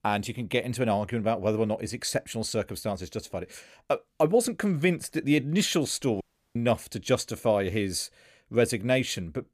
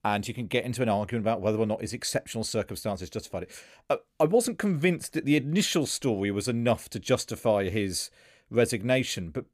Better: second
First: audio cutting out; at 6 s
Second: none

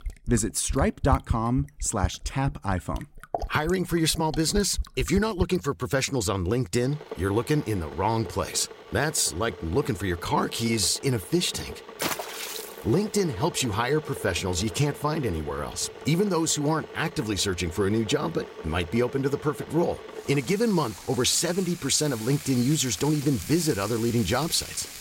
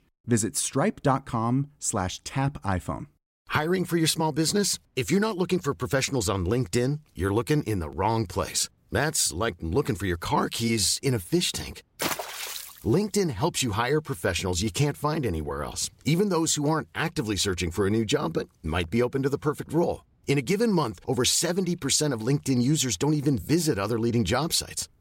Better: second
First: household noises; noticeable; throughout; 15 dB below the speech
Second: none

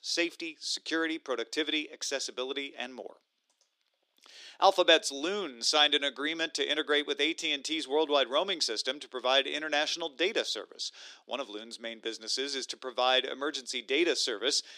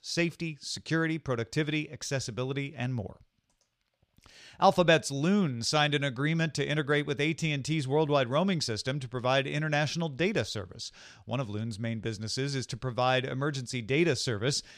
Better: second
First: thin; somewhat; fading below 300 Hz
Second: none

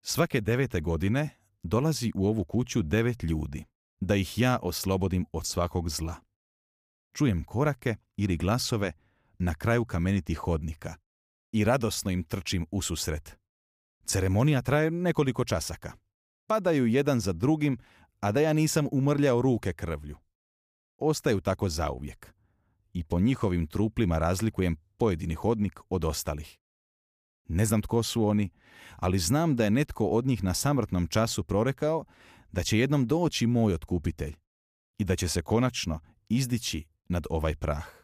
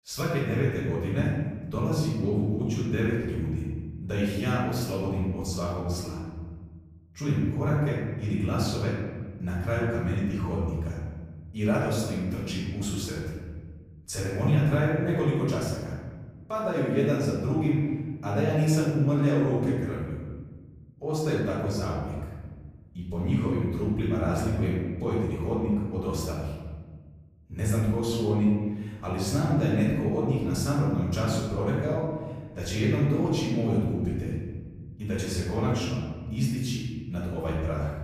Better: first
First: none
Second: room echo; noticeable; dies away in 1.6 s // off-mic speech; far

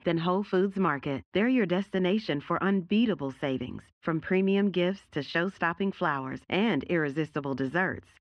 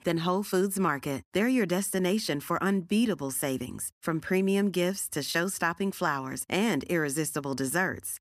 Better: second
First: muffled; slightly; fading above 3 kHz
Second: none

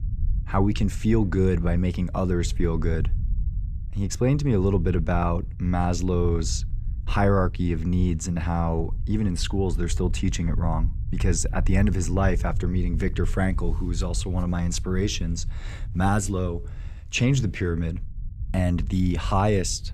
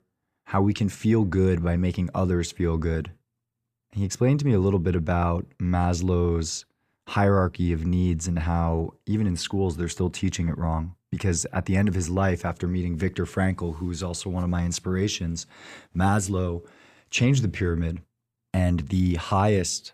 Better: second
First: low rumble; faint; throughout; 20 dB below the speech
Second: none

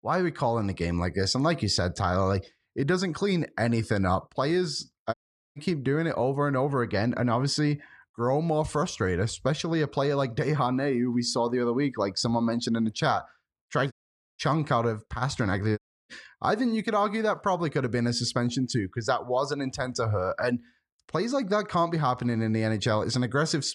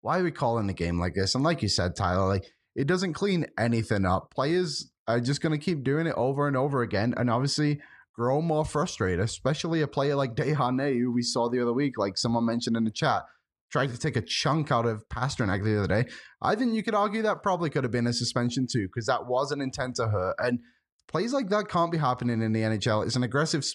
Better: second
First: audio cutting out; at 5 s, at 14 s and at 16 s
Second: none

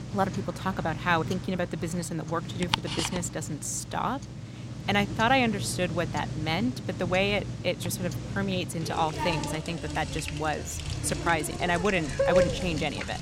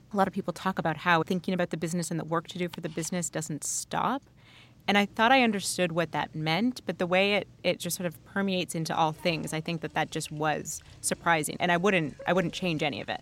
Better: second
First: household noises; loud; throughout; 4 dB below the speech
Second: household noises; faint; throughout; 25 dB below the speech

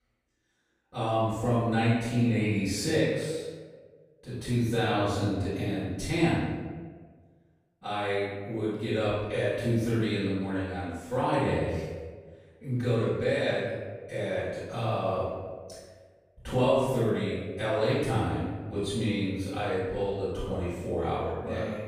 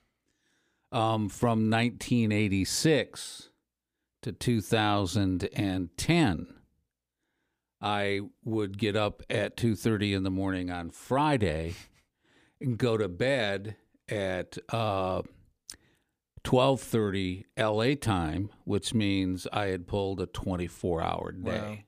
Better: second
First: off-mic speech; far // room echo; strong; dies away in 1.3 s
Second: none

